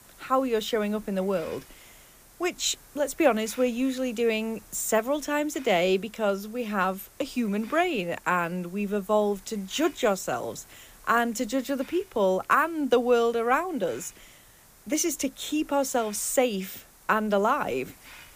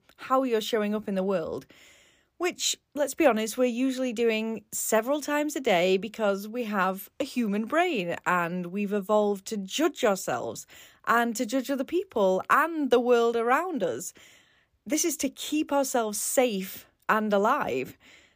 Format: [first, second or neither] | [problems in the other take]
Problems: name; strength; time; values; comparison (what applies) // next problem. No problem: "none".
second | hiss; faint; throughout; 25 dB below the speech